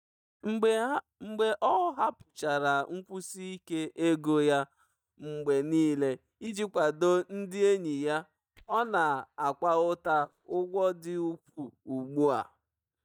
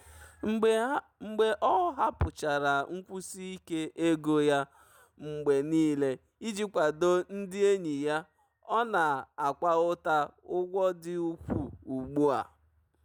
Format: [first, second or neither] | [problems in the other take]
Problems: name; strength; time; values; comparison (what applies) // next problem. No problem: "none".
second | noise reduction (neural mask model DeepFilterNet 3)